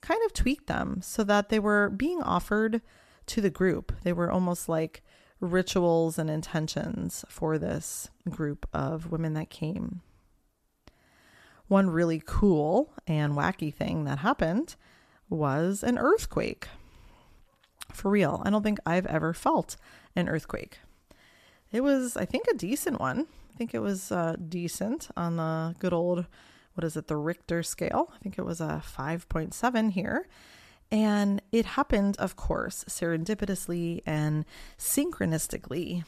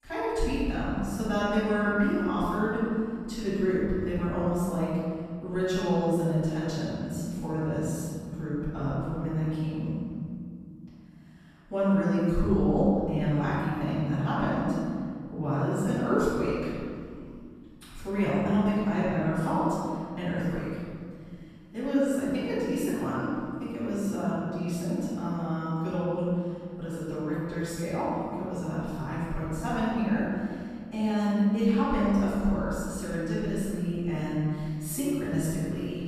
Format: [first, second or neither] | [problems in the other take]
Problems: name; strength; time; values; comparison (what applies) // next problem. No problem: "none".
first | off-mic speech; far // room echo; strong; dies away in 2.6 s